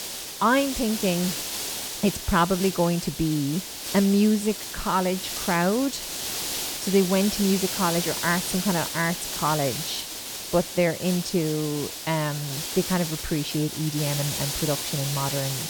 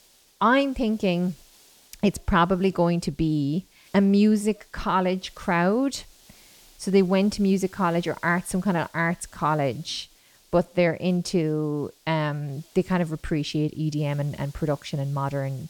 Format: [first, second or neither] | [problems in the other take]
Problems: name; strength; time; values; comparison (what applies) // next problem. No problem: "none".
second | hiss; loud; throughout; 4 dB below the speech; faint in the second